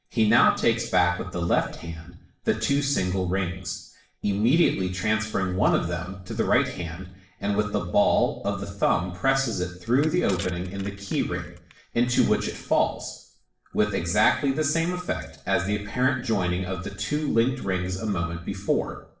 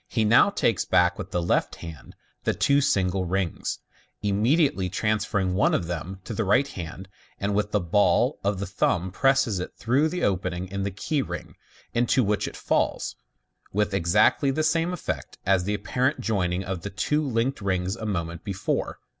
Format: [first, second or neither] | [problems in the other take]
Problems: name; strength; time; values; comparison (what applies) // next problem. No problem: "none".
second | noise reduction (neural separator model SepFormer DNS4)